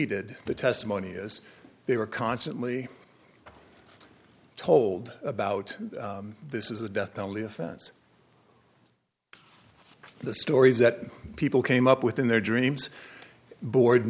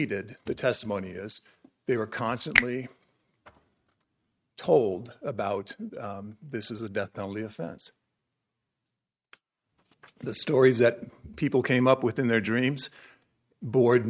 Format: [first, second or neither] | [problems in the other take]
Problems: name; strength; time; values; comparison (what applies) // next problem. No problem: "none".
first | noise reduction (neural mask model RNNoise)